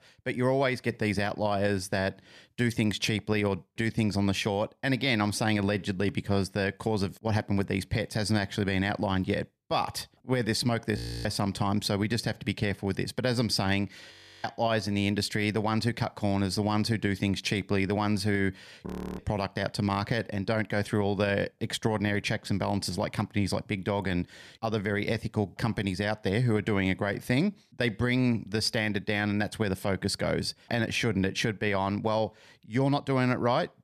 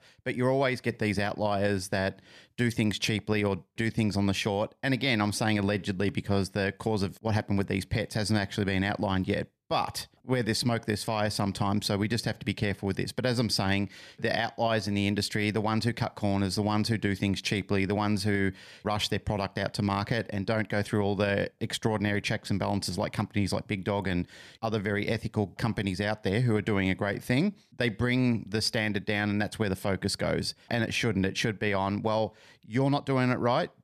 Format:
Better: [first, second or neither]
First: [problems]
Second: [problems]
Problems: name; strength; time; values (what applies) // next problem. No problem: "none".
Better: second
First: audio freezing; at 11 s, at 14 s and at 19 s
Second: none